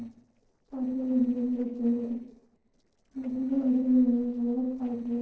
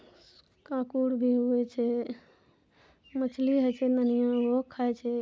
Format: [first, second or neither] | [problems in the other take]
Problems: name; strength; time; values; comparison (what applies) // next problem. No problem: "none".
second | noise reduction (neural separator model SepFormer DNS4)